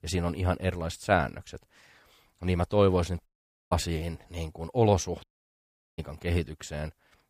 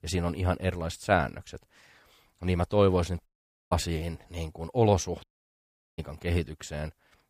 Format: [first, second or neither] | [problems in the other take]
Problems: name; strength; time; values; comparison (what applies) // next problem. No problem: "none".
neither | audio cutting out; at 3.5 s and at 5 s for 0.5 s; the same in both